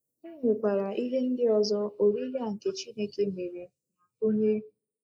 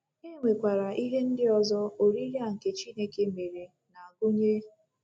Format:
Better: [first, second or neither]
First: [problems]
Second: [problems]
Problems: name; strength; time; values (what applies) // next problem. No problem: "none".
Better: second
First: noise reduction (neural mask model Resemble Enhance denoiser)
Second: none